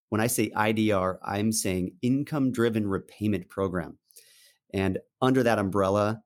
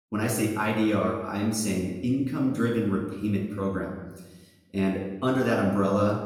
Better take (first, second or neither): first